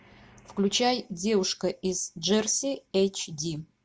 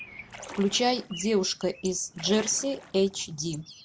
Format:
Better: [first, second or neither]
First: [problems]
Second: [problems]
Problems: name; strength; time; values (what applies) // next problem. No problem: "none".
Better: first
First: none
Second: background sound (Bird + Splash, splatter); 16 dB below the speech